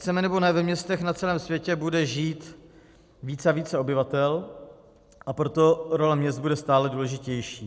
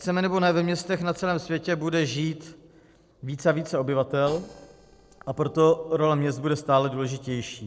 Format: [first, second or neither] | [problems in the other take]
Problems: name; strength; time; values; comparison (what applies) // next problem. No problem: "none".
first | noise reduction (neural separator model SepFormer DNS4)